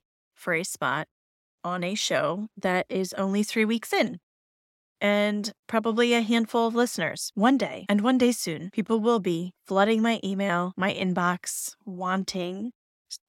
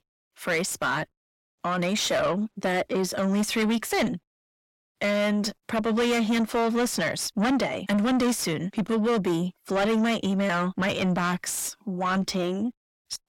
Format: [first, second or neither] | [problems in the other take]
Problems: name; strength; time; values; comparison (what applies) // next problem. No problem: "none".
first | distortion; heavy; 6 dB below the speech